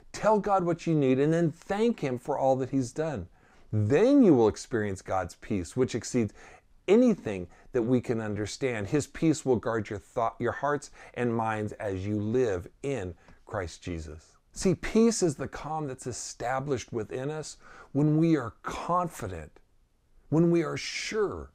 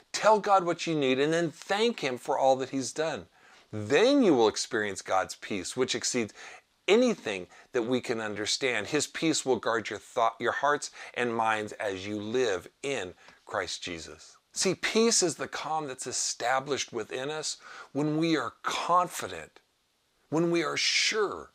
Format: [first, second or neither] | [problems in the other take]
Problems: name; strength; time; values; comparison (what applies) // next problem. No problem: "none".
first | thin; somewhat; fading below 750 Hz